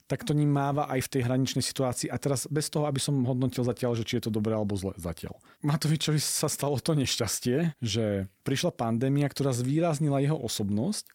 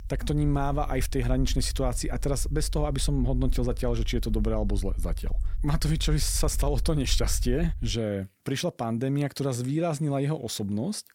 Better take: first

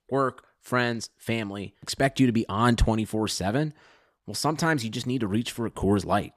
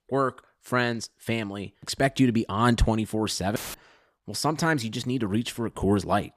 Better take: first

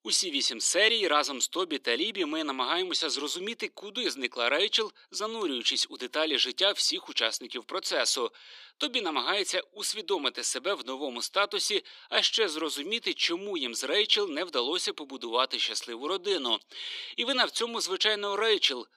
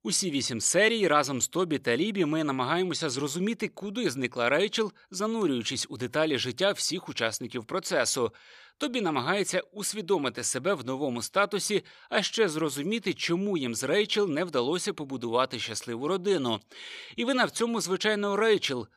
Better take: second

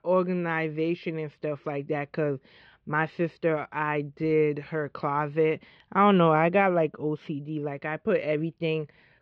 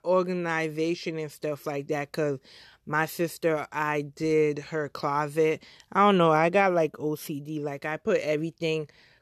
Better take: second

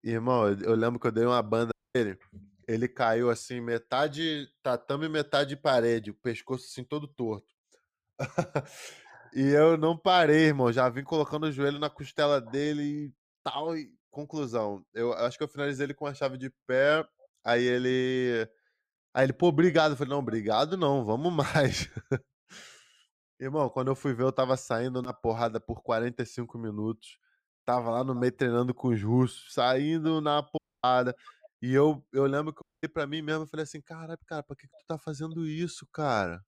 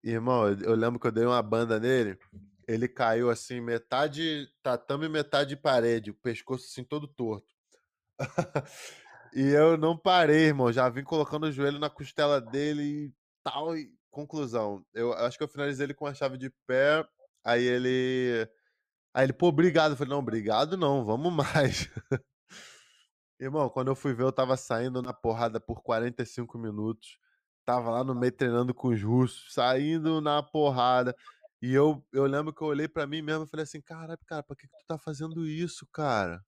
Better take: second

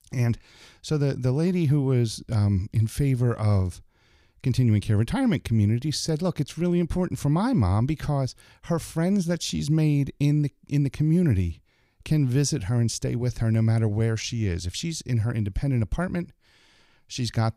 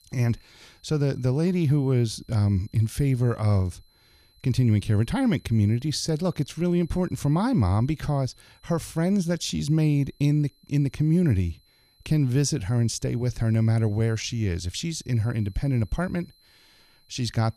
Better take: first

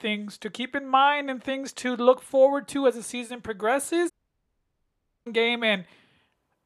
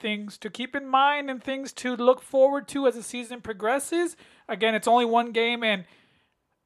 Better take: second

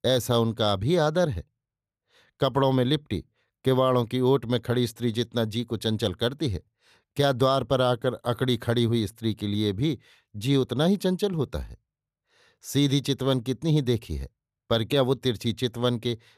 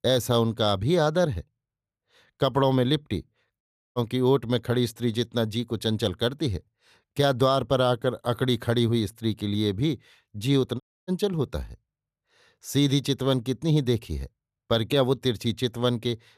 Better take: first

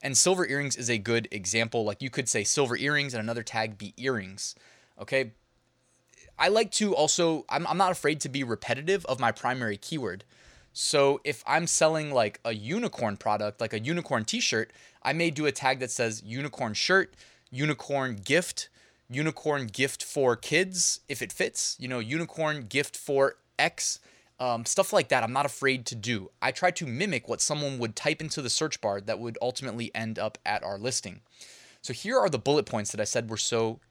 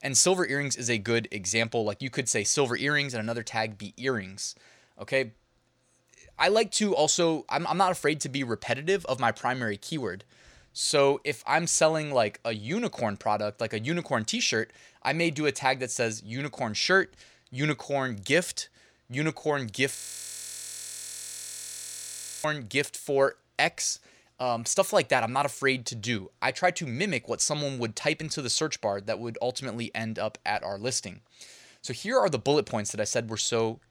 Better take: first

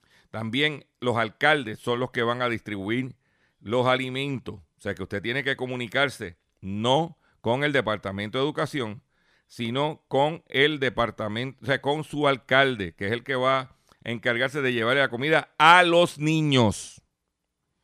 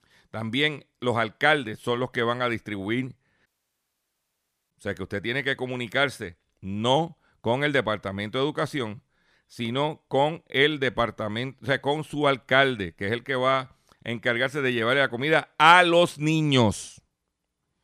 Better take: first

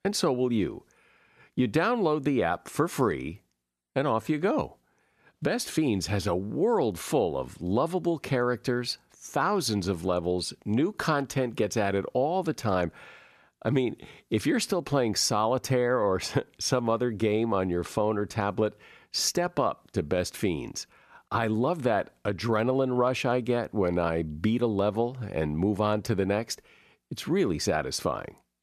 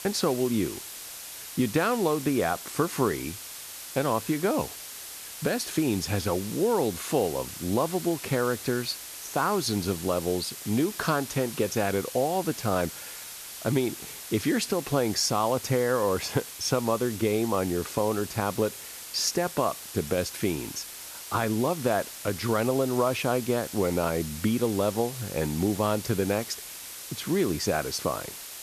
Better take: first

